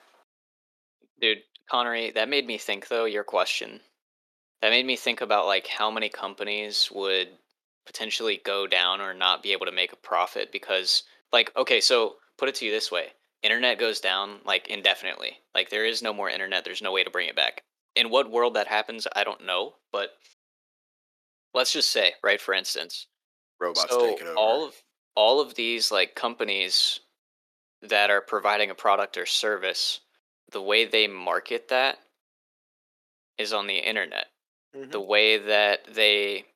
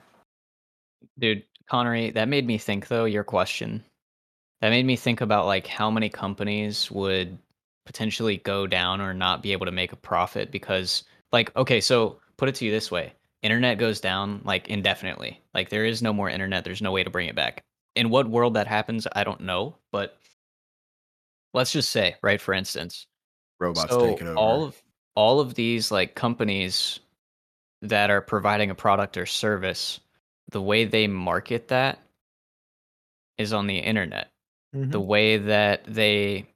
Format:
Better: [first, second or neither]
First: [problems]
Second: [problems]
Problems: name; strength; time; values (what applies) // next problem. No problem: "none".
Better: second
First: thin; somewhat; fading below 350 Hz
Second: none